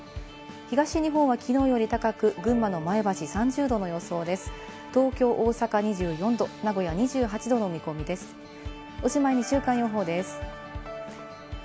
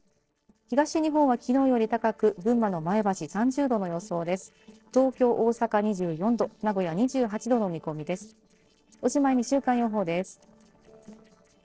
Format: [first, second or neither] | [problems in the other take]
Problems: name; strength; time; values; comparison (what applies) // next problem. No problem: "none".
first | noise reduction (neural separator model SepFormer DNS4)